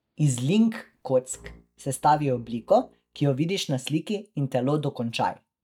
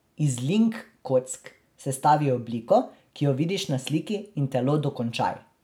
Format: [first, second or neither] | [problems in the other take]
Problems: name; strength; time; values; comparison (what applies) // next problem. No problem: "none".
second | noise reduction (neural mask model DeepFilterNet 3)